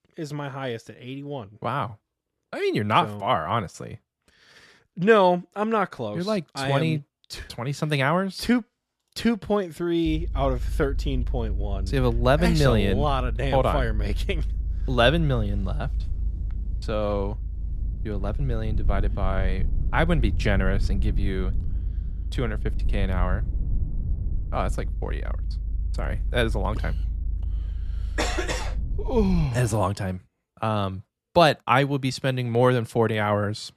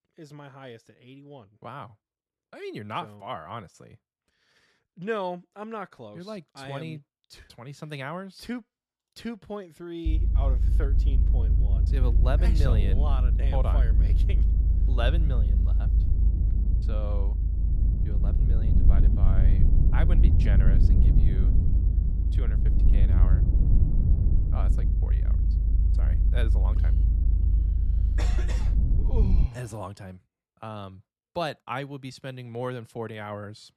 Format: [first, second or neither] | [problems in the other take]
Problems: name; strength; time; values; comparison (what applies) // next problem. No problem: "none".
first | low rumble; loud; from 10 to 29 s; 5 dB below the speech; faint in the first